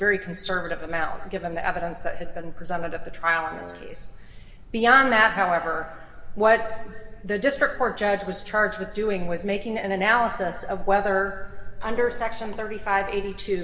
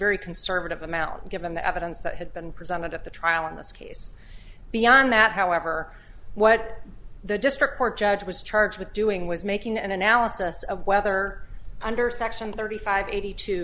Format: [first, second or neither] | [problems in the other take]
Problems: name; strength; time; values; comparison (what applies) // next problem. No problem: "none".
second | background sound (Wind instrument, woodwind instrument); 19 dB below the speech // room echo; dies away in 1.8 s